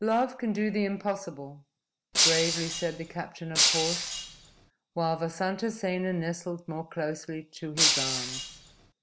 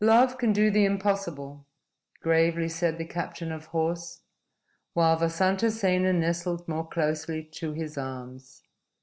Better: second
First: background sound (Shatter); 4 dB above the speech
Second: none

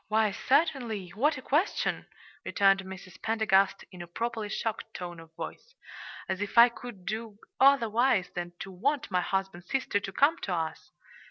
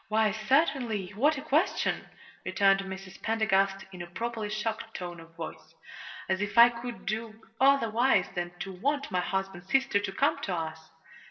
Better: first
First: none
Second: room echo; dies away in 0.8 s

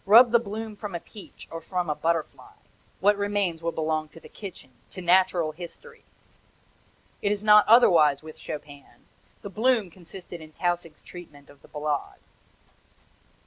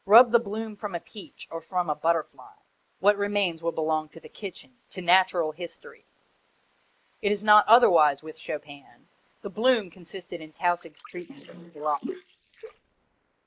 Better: first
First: none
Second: noise reduction (neural mask model Resemble Enhance denoiser)

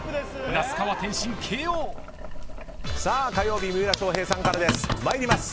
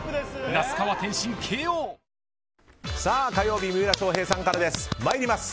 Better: second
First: background sound (Boiling); 5 dB below the speech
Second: none

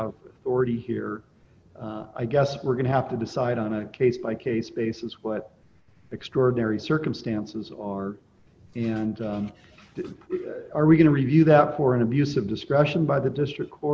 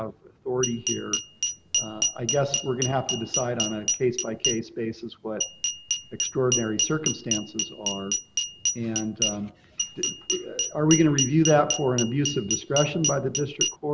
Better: first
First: none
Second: background sound (Glass); 2 dB below the speech

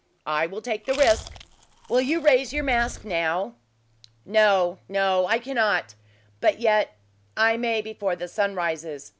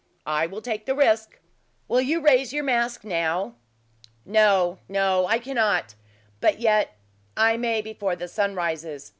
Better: second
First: background sound (Chewing, mastication); 13 dB below the speech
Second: none

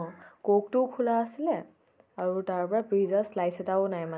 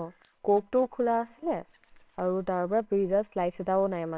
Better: first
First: none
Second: noise reduction (neural separator model SepFormer WHAMR!)

